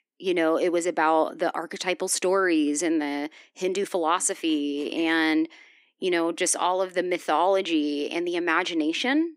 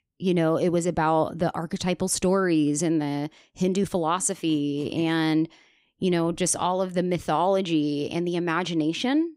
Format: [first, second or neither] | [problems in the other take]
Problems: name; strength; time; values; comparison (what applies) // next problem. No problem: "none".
second | thin; very slightly; fading below 250 Hz